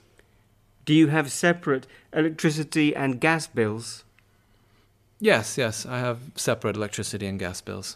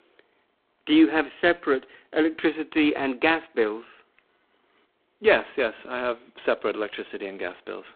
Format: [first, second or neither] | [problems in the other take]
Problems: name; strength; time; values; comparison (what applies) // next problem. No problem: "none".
first | phone-call audio; poor line